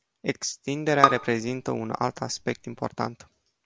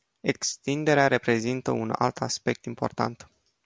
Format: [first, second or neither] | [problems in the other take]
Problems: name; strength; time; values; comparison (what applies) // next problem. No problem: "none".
second | background sound (Bowed string instrument); as loud as the speech